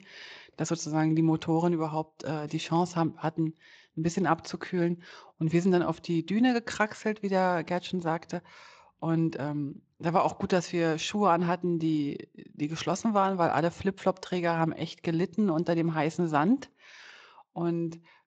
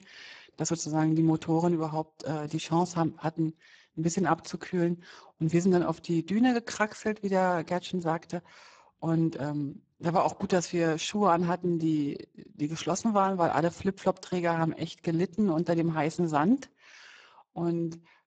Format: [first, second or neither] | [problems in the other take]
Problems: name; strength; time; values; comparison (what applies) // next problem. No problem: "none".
first | garbled, watery; badly; nothing above 7.5 kHz; slightly in the first